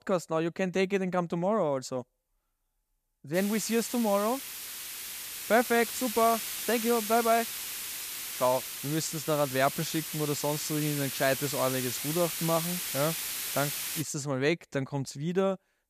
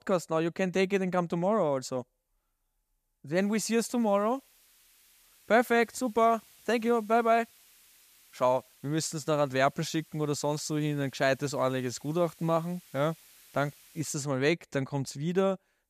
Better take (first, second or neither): second